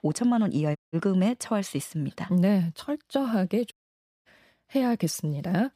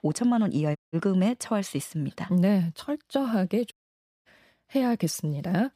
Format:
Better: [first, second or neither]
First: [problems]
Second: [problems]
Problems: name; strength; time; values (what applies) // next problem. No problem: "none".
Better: neither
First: audio cutting out; at 1 s and at 3.5 s for 0.5 s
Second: audio cutting out; at 1 s and at 3.5 s for 0.5 s